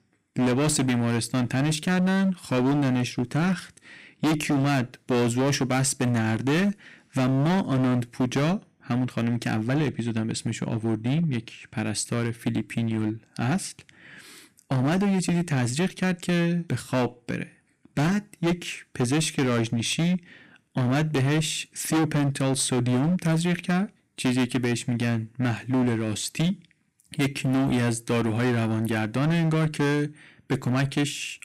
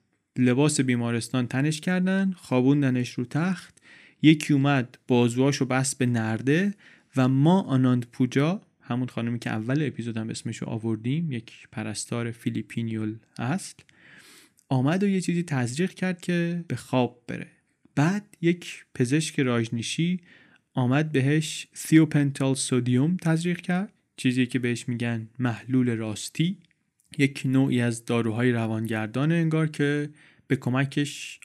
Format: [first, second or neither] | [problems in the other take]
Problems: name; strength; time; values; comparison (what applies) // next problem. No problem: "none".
second | distortion; heavy; 18% of the sound clipped